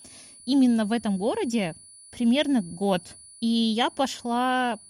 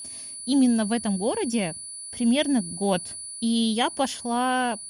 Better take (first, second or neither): first